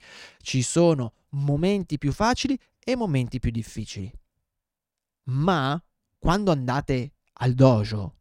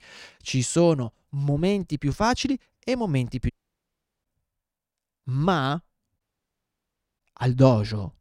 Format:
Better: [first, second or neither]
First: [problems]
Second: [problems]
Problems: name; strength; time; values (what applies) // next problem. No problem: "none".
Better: first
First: none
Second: audio cutting out; at 3.5 s for 1 s and at 6 s for 1 s